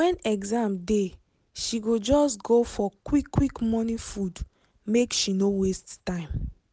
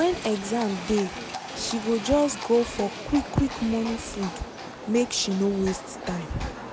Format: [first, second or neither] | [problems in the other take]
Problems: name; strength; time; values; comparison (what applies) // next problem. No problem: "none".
first | background sound (Livestock, farm animals, working animals); 10 dB below the speech